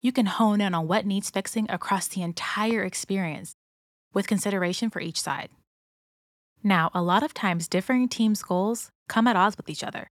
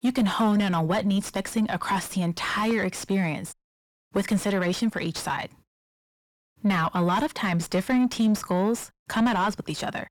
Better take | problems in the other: first | distortion; heavy; 8 dB below the speech

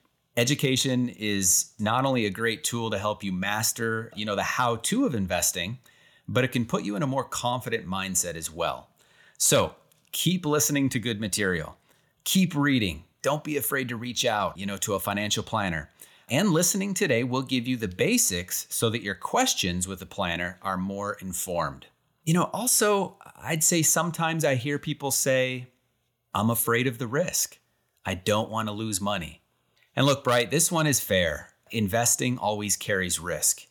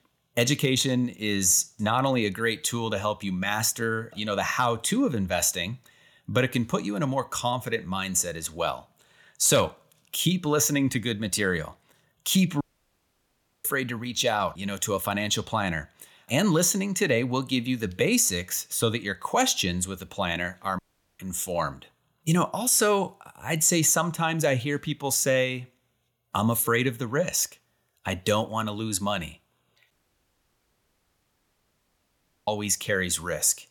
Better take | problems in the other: first | audio cutting out; at 13 s for 1 s, at 21 s and at 30 s for 2.5 s

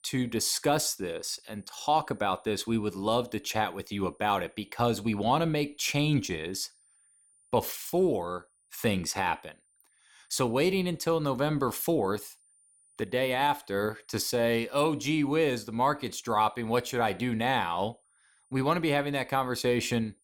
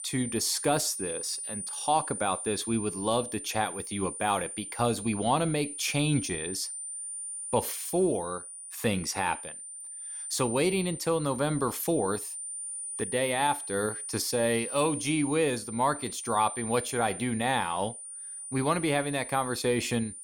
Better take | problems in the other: first | high-pitched whine; loud; throughout; 9.5 kHz, 7 dB below the speech; faint in the first

